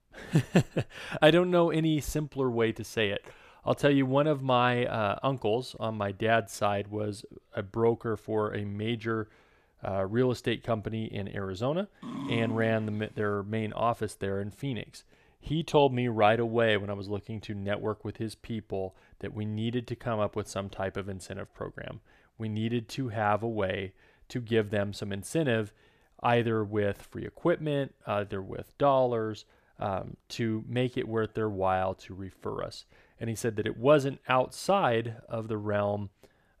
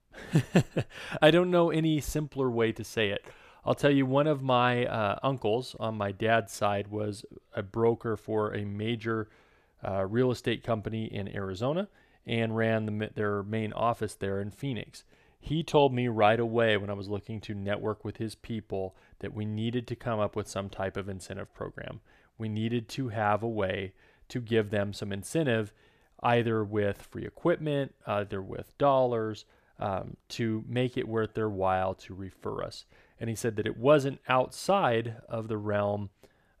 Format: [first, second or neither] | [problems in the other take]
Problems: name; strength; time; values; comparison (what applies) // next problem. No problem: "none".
second | dog barking; noticeable; at 12 s; peak 6 dB below the speech